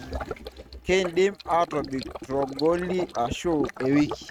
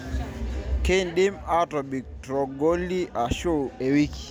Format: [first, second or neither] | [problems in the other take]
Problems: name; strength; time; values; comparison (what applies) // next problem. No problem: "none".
second | noise reduction (neural mask model RNNoise)